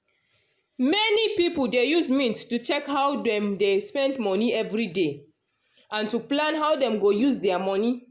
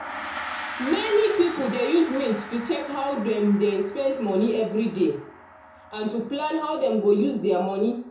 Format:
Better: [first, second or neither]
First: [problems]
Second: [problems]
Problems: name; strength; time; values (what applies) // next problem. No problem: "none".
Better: first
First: none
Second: background sound (Gong); 14 dB below the speech // room echo; dies away in 0.5 s